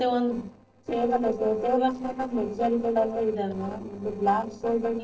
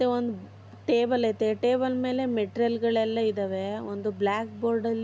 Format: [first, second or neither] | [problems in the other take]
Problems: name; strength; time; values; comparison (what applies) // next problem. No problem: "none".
second | noise reduction (neural separator model SepFormer DNS4)